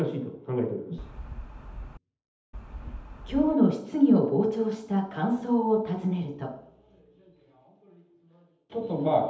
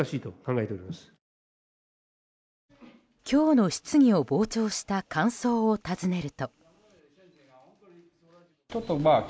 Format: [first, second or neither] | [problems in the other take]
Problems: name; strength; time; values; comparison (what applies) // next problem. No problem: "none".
second | background sound (Wind); 11 dB below the speech // room echo; dies away in 0.8 s